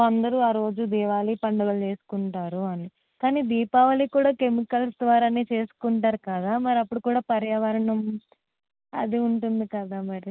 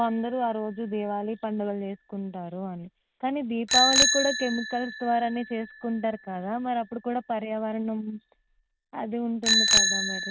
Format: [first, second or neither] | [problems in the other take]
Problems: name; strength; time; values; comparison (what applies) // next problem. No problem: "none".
first | background sound (Bicycle bell); as loud as the speech